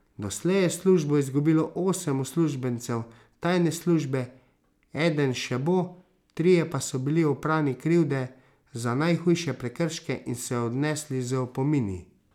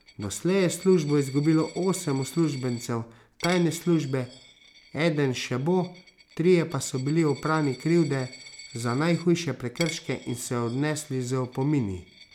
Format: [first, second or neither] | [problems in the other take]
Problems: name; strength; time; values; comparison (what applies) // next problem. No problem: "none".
first | background sound (Coin (dropping)); 19 dB below the speech